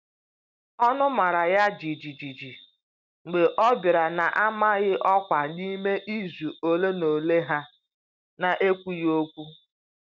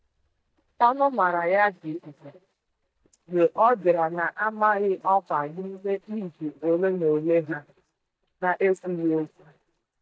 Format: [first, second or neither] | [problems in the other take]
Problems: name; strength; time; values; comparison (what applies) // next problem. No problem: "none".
first | noise reduction (neural mask model DeepFilterNet 3)